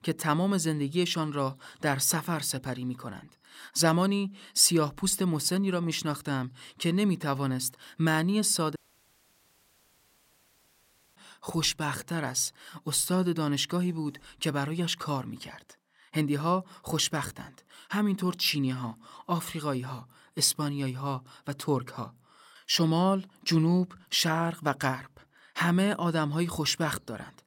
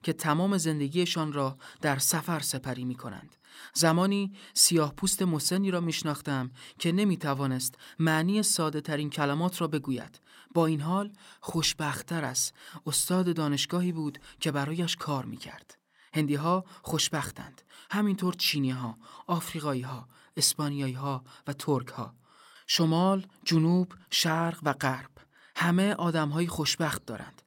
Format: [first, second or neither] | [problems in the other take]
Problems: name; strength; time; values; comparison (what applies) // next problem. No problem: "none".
second | audio cutting out; at 9 s for 2.5 s